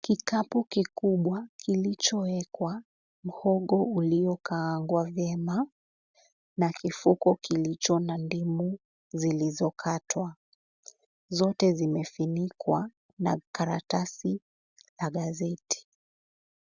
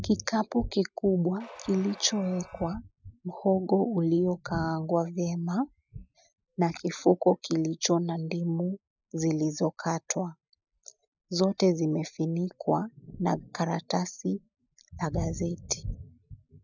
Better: first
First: none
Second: noise reduction (classical method Wiener filter)

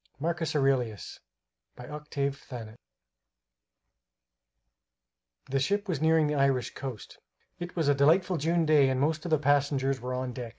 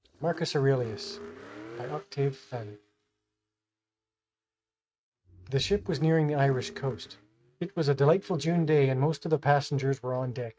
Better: first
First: none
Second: noise reduction (neural mask model RNNoise)

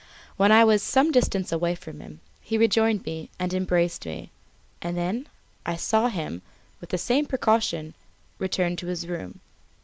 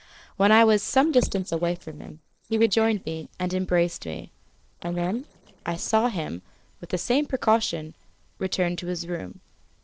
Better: first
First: none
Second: noise reduction (neural separator model SepFormer DNS4)

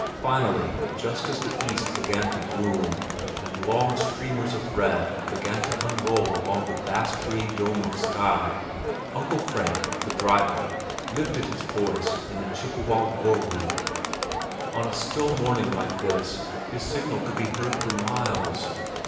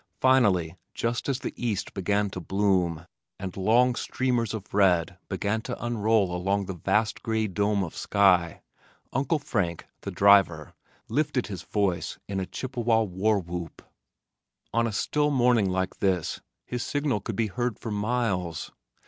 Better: second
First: background sound (Crowd); 3 dB below the speech // room echo; dies away in 1.3 s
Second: none

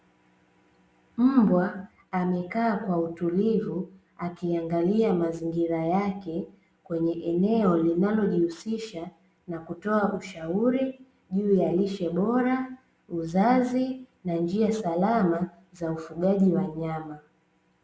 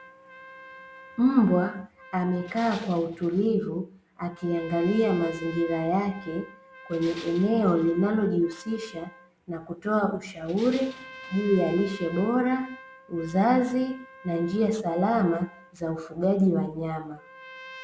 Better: first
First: none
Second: background sound (Trumpet + Tools); 19 dB below the speech

